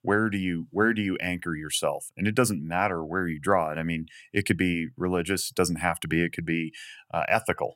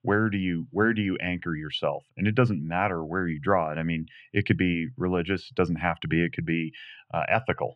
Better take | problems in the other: first | muffled; slightly; fading above 3 kHz

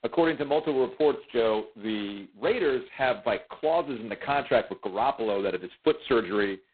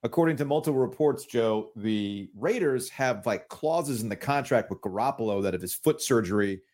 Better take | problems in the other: second | phone-call audio; poor line; nothing above 4 kHz

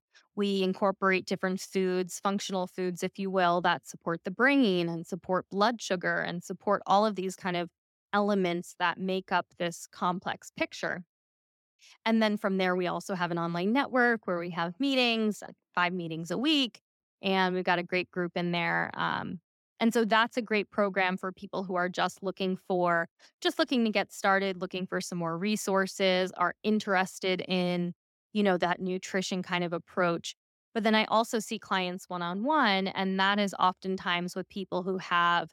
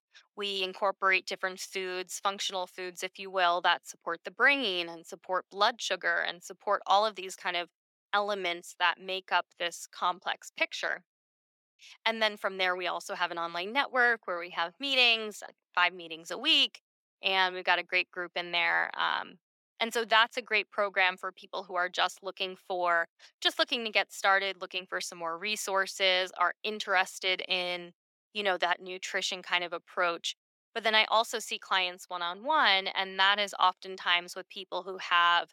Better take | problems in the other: first | thin; very; fading below 550 Hz

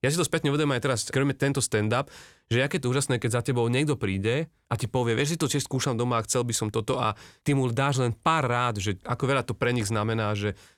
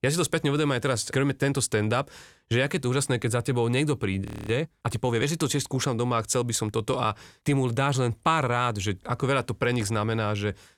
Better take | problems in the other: first | audio freezing; at 4.5 s

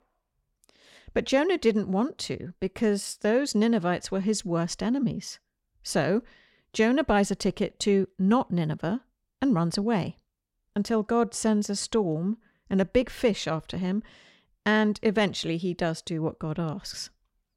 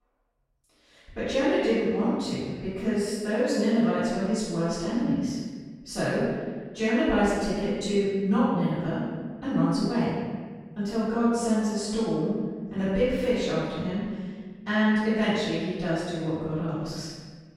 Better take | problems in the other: first | off-mic speech; far // room echo; strong; dies away in 1.4 s

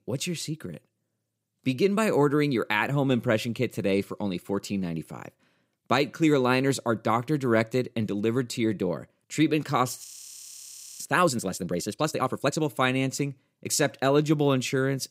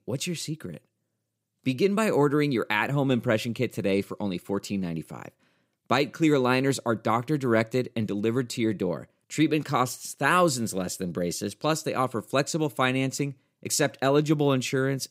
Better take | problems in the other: second | audio freezing; at 10 s for 1 s

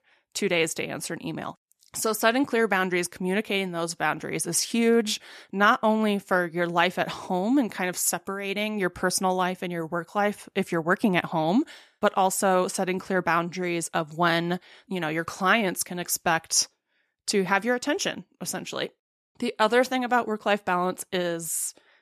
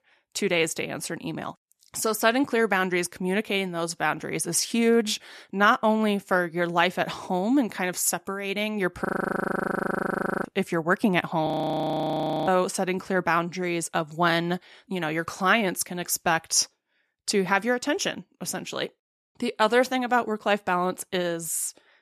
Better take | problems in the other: first | audio freezing; at 9 s for 1.5 s and at 11 s for 1 s

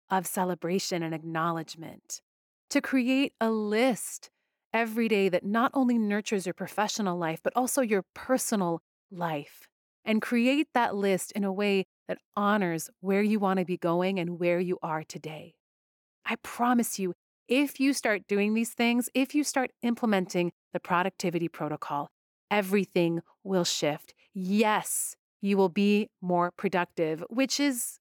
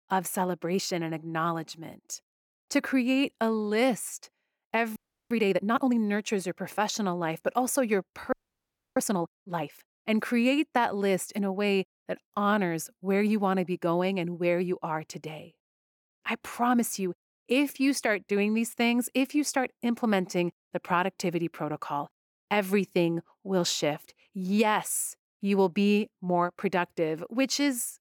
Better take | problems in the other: first | audio freezing; at 5 s and at 8.5 s for 0.5 s

